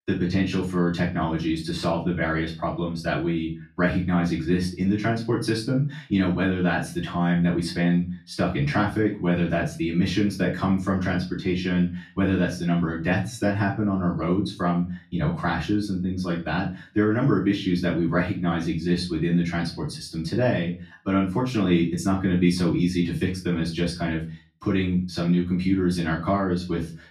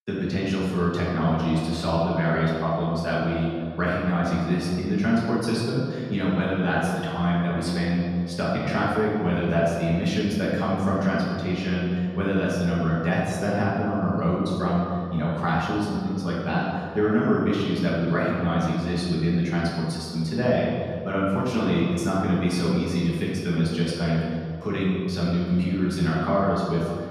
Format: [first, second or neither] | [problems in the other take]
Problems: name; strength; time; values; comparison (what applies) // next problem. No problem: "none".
first | room echo; strong; dies away in 2 s; slight in the first // off-mic speech; far; far in the first